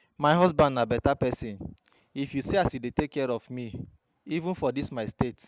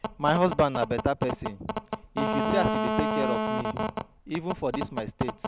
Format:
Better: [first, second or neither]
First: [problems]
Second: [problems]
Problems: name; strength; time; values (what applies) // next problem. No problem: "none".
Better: first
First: none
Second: background sound (Telephone); 2 dB below the speech